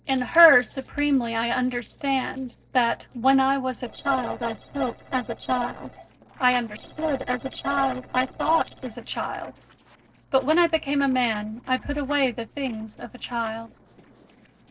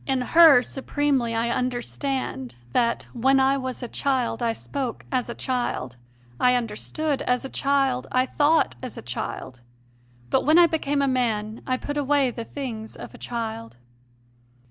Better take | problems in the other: second | noise reduction (neural separator model SepFormer DNS4)

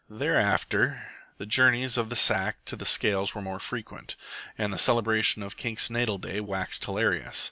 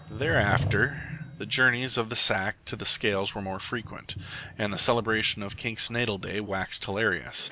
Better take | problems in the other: first | background sound (Sliding door); 9 dB below the speech

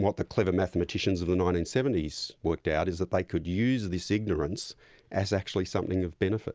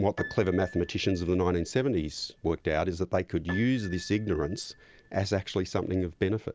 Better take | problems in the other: first | background sound (Piano); 19 dB below the speech

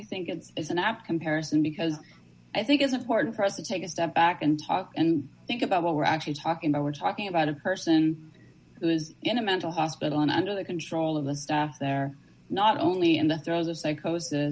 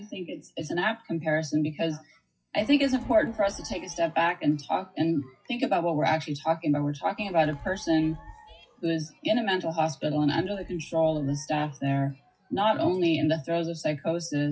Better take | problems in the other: first | noise reduction (classical method WPE with log-MMSE)

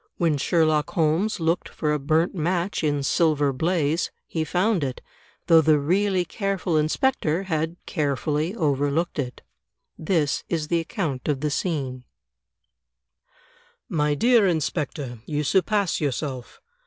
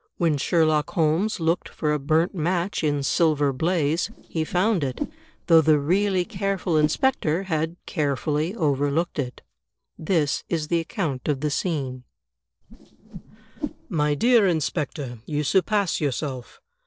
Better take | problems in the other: first | noise reduction (neural separator model SepFormer DNS4)

